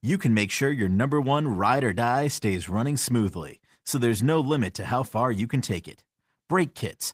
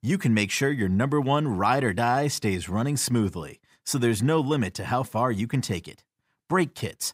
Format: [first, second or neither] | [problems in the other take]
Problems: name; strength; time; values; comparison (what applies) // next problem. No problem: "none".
second | garbled, watery; slightly; nothing above 15.5 kHz